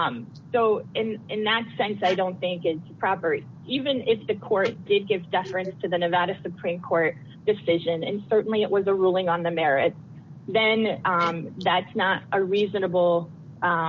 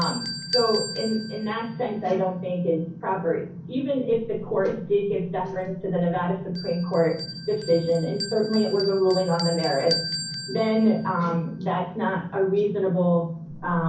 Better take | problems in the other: first | background sound (Bell); 12 dB below the speech // room echo; dies away in 0.6 s

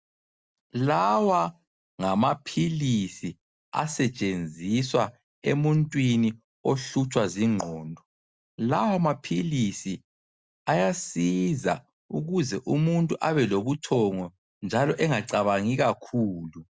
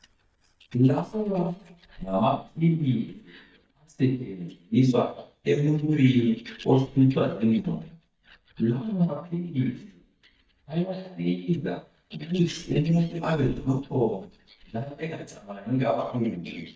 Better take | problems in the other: first | noise reduction (neural mask model DeepFilterNet 3)

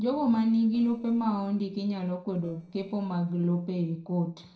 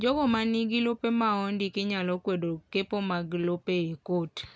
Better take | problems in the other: second | noise reduction (neural separator model SepFormer DNS4)

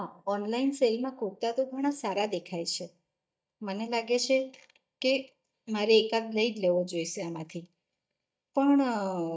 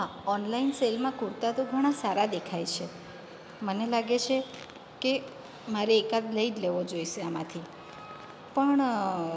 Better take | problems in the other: second | noise reduction (neural mask model DeepFilterNet 3)

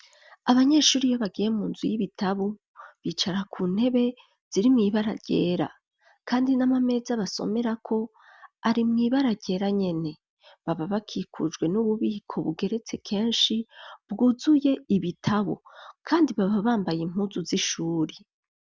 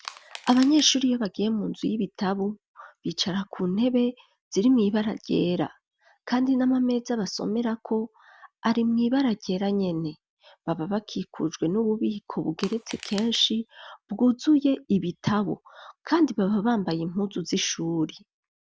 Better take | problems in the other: first | background sound (Crushing); 17 dB below the speech

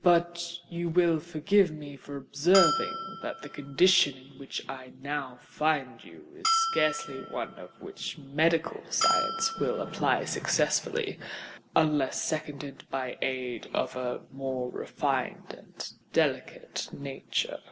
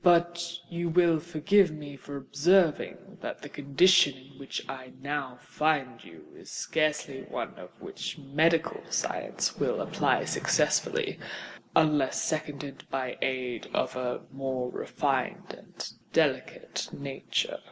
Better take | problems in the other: second | background sound (Bell); 4 dB below the speech

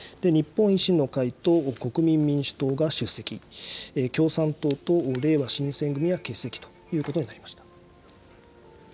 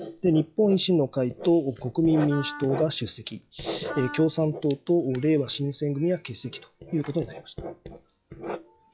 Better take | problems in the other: first | noise reduction (classical method log-MMSE)

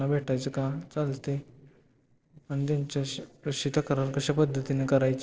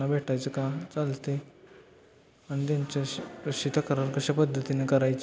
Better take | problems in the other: second | noise reduction (neural separator model SepFormer DNS4)

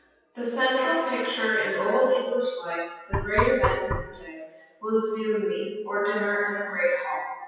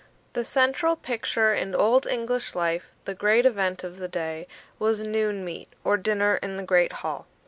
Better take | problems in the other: second | noise reduction (classical method WPE with log-MMSE)

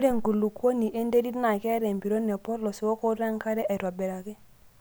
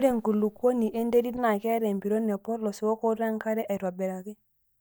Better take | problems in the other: first | noise reduction (neural mask model DeepFilterNet 3)

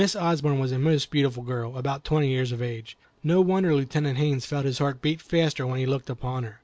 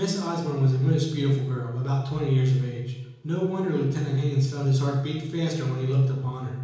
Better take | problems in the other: first | room echo; dies away in 1 s

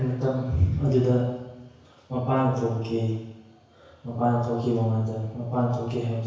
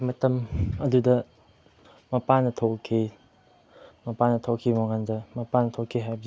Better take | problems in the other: second | room echo; dies away in 1.1 s

